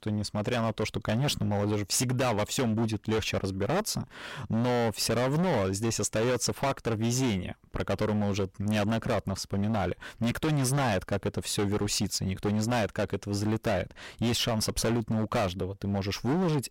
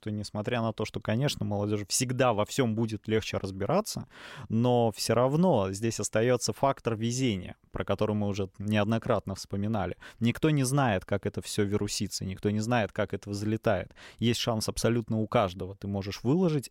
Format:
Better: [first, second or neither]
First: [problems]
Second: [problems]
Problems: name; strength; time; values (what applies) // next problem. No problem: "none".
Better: second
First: distortion; heavy; 21% of the sound clipped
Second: none